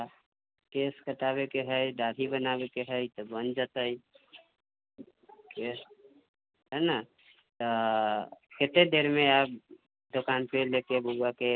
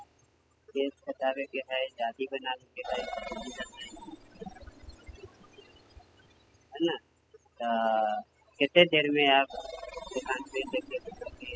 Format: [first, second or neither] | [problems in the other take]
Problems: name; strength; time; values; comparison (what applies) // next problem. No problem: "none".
first | noise reduction (classical method spectral subtraction)